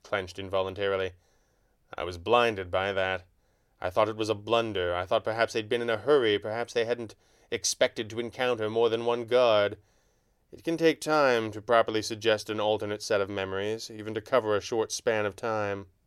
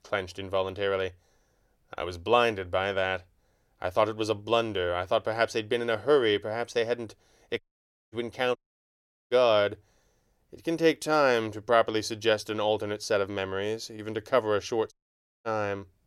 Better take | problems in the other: first | audio cutting out; at 7.5 s for 0.5 s, at 8.5 s for 0.5 s and at 15 s for 0.5 s

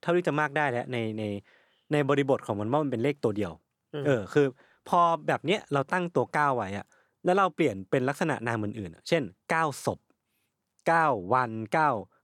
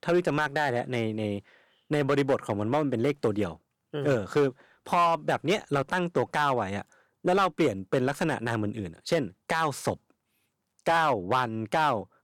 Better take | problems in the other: first | distortion; slight; 4% of the sound clipped

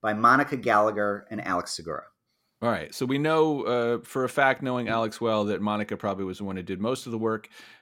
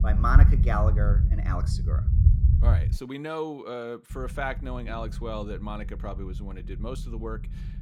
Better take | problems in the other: first | low rumble; loud; until 3 s and from 4 s on; 8 dB below the speech

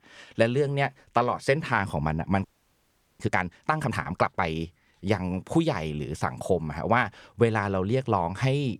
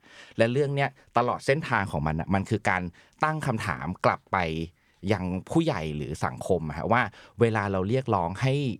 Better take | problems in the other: second | audio freezing; at 2.5 s for 1 s

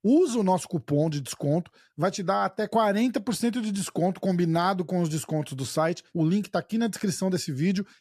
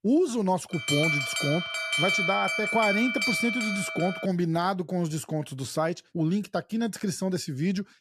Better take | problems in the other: first | alarm; loud; from 0.5 to 4.5 s; peak 5 dB above the speech

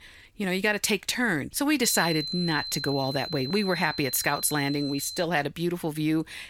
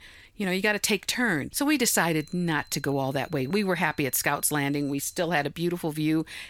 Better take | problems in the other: second | high-pitched whine; loud; from 2 to 5 s; 4 kHz, 7 dB below the speech; faint in the second

